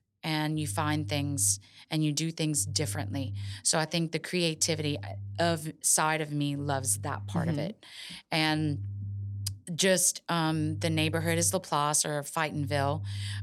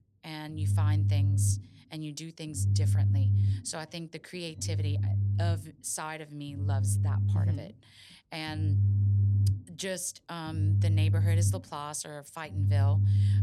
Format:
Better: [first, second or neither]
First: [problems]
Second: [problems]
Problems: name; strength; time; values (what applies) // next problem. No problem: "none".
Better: first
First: low rumble; faint; throughout; 25 dB below the speech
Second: low rumble; loud; throughout; 3 dB below the speech